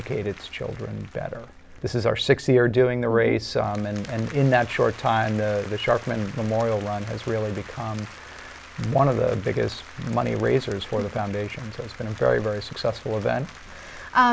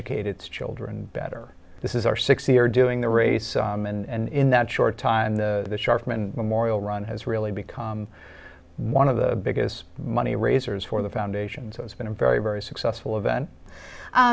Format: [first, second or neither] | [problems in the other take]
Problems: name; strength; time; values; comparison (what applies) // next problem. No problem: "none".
second | background sound (Applause); 20 dB below the speech